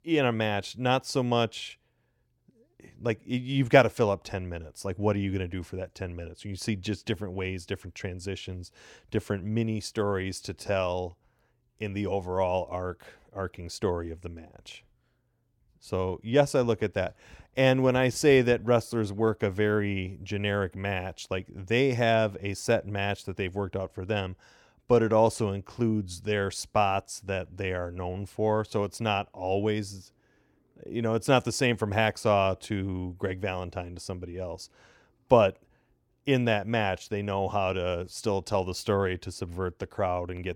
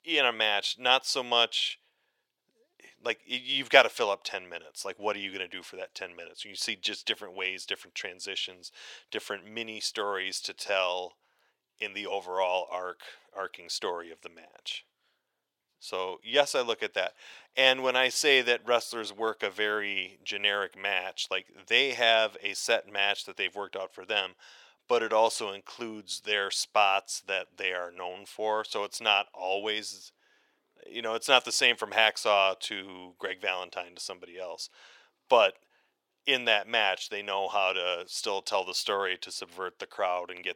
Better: first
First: none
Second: thin; very; fading below 650 Hz

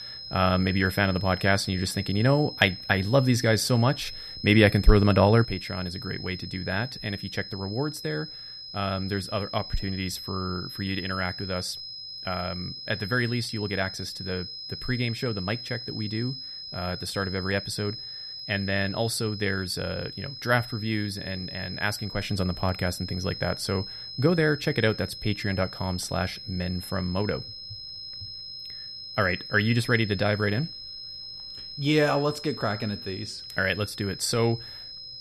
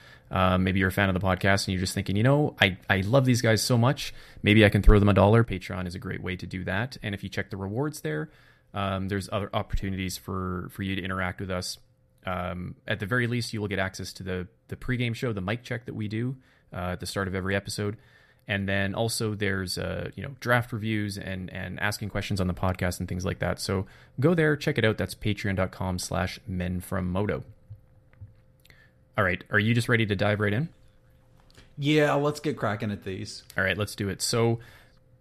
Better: second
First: high-pitched whine; loud; throughout; 5 kHz, 10 dB below the speech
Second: none

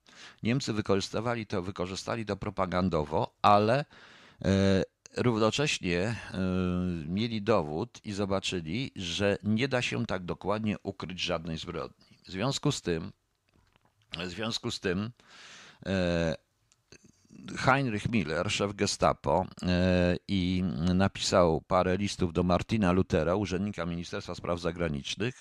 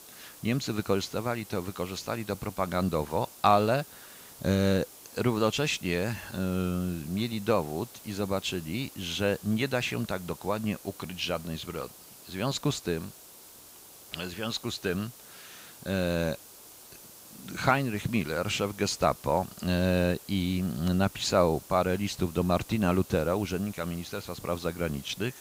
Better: first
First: none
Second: hiss; noticeable; throughout; 15 dB below the speech

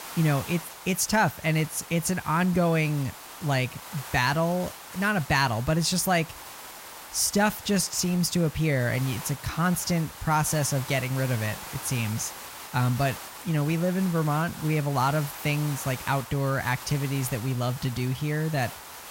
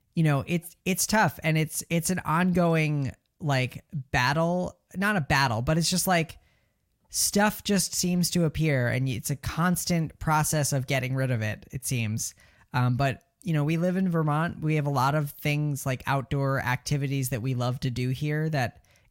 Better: second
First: hiss; noticeable; throughout; 15 dB below the speech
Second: none

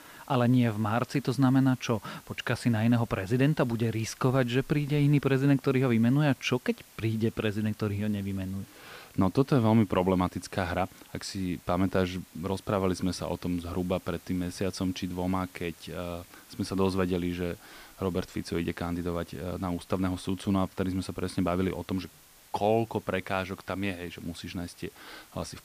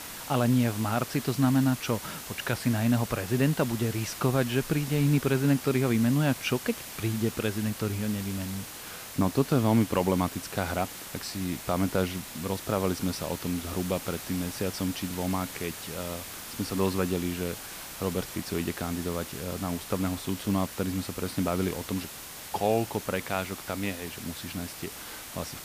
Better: first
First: hiss; faint; throughout; 25 dB below the speech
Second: hiss; loud; throughout; 9 dB below the speech

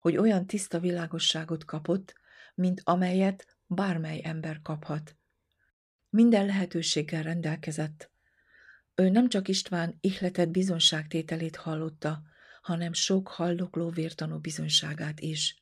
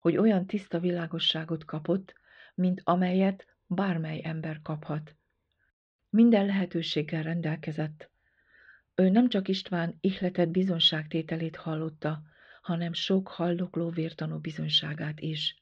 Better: first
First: none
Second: muffled; slightly; fading above 3.5 kHz

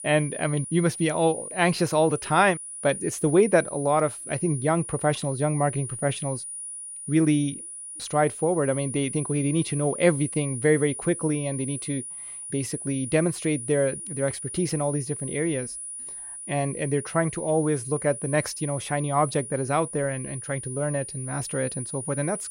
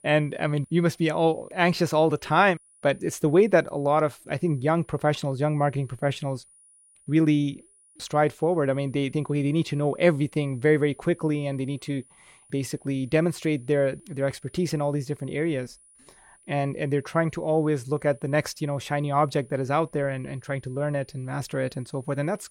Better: second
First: high-pitched whine; loud; throughout; 9.5 kHz, 8 dB below the speech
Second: high-pitched whine; faint; throughout; 9.5 kHz, 30 dB below the speech

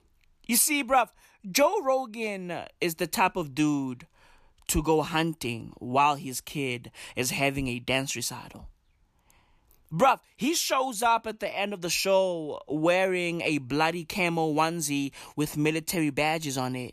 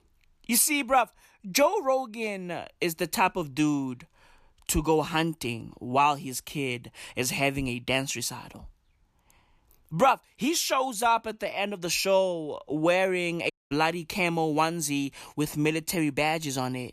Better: first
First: none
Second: audio cutting out; at 14 s

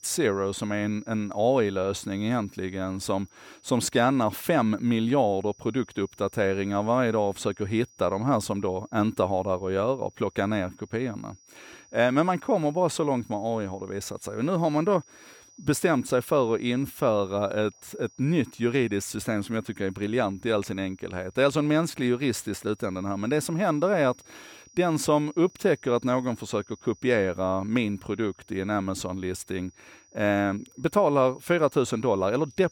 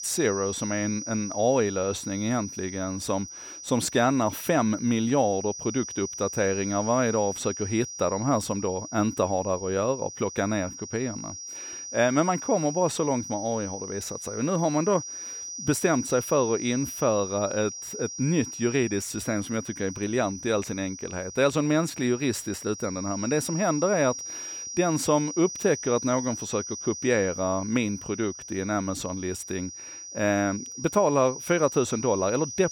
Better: first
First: high-pitched whine; faint; throughout; 6 kHz, 30 dB below the speech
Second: high-pitched whine; loud; throughout; 6 kHz, 9 dB below the speech

